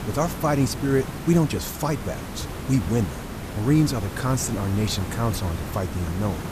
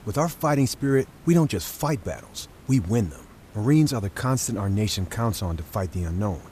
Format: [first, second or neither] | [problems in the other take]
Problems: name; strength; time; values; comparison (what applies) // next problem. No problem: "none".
second | hiss; loud; throughout; 8 dB below the speech; faint in the second